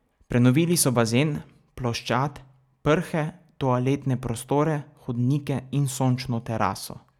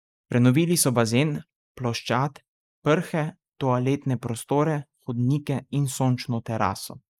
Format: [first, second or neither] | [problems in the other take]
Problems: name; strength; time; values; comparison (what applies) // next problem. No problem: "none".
first | noise reduction (neural mask model Resemble Enhance denoiser)